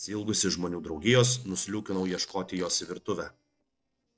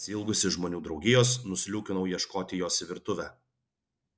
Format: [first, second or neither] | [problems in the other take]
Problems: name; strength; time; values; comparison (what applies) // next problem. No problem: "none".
second | noise reduction (neural separator model SepFormer DNS4)